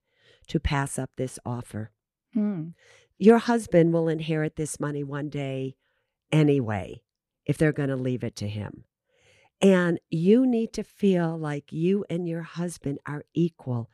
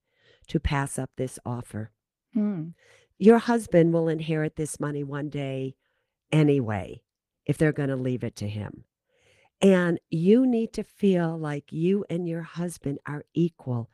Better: first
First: none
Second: garbled, watery; slightly

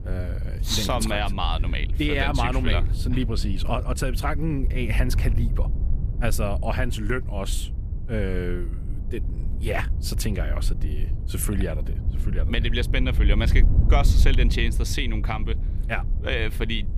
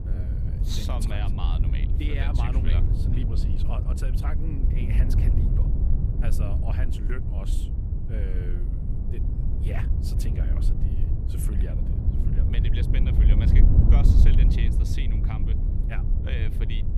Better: first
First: wind noise on the microphone; occasional gusts; 15 dB below the speech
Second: wind noise on the microphone; heavy; as loud as the speech

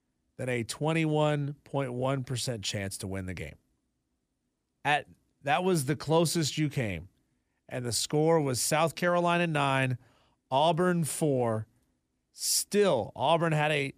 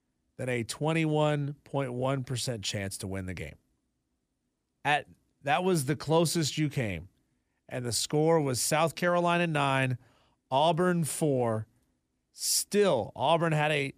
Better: neither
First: none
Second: none

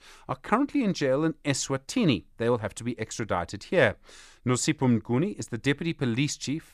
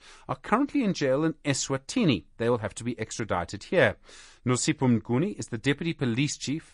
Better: first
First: none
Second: garbled, watery; slightly; nothing above 8.5 kHz

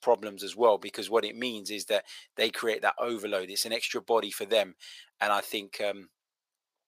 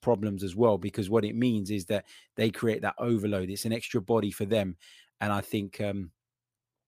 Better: second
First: thin; very; fading below 650 Hz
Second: none

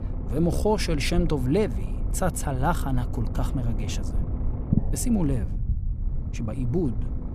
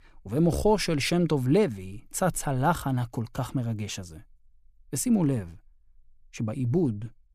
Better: second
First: low rumble; noticeable; throughout; 10 dB below the speech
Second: none

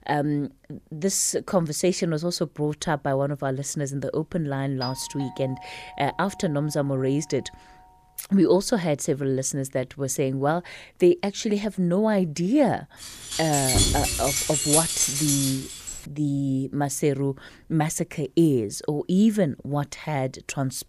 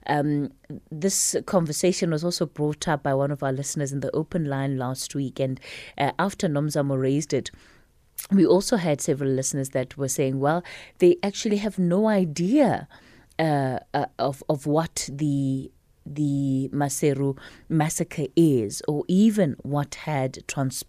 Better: second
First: doorbell; noticeable; from 5 to 7 s; peak 10 dB below the speech // jangling keys; loud; from 13 to 16 s; peak 5 dB above the speech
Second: none

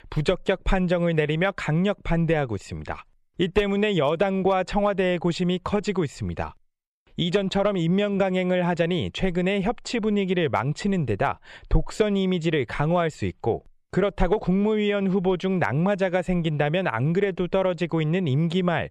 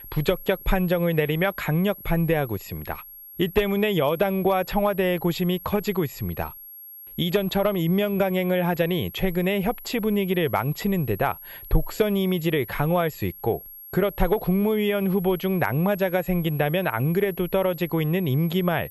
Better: first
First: none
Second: high-pitched whine; noticeable; throughout; 11.5 kHz, 15 dB below the speech

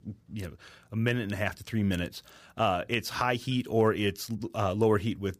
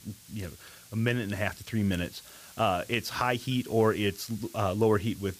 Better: first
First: none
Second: hiss; noticeable; throughout; 20 dB below the speech

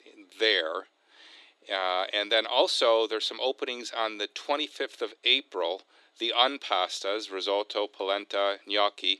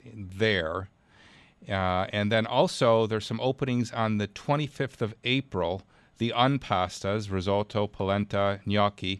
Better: second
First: thin; very; fading below 300 Hz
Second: none

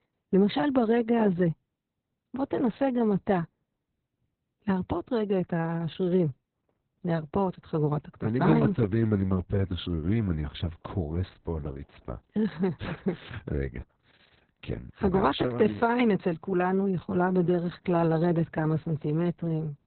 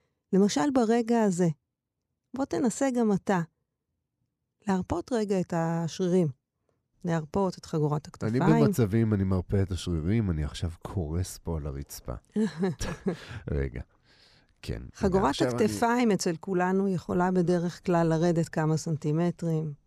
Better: second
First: garbled, watery; badly; nothing above 4 kHz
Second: none

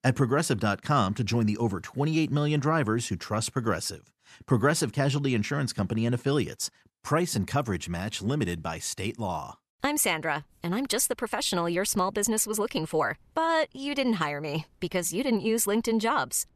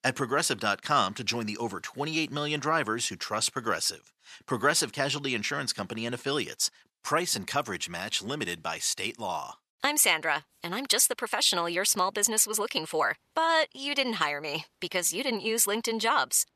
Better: first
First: none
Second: thin; somewhat; fading below 750 Hz

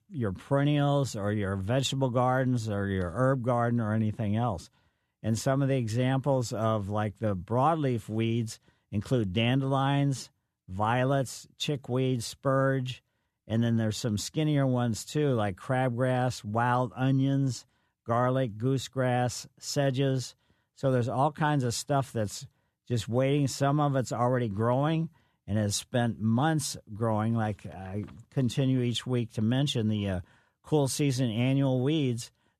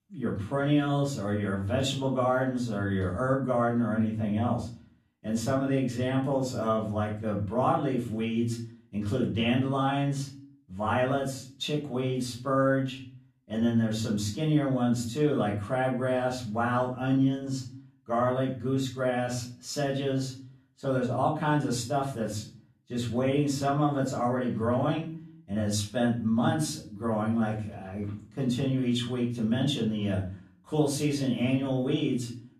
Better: first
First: none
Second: off-mic speech; far // room echo; slight; dies away in 0.4 s

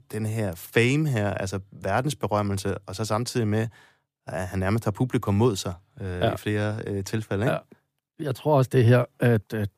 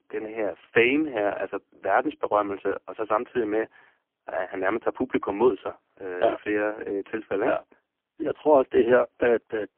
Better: first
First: none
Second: phone-call audio; poor line

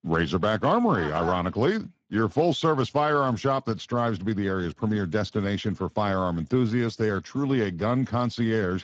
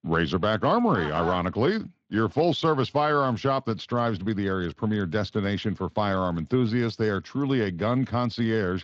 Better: second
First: garbled, watery; badly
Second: garbled, watery; slightly

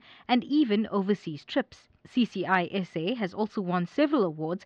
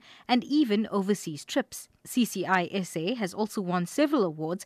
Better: second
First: muffled; slightly; fading above 4 kHz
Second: none

